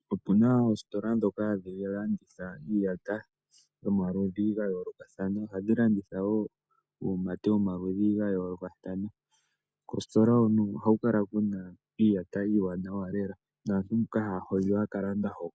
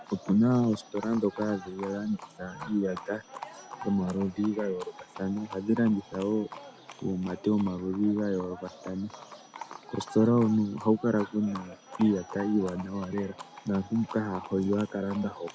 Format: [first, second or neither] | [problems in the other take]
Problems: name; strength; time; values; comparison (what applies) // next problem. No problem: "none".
first | background sound (Livestock, farm animals, working animals); 16 dB below the speech